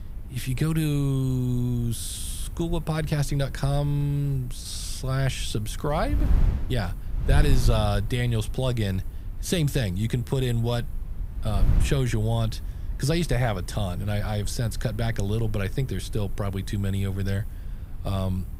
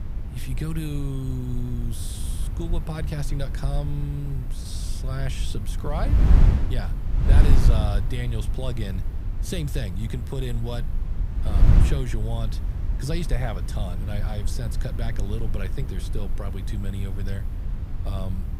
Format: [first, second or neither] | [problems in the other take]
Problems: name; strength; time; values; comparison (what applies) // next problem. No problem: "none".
first | wind noise on the microphone; heavy; 4 dB below the speech; occasional gusts in the first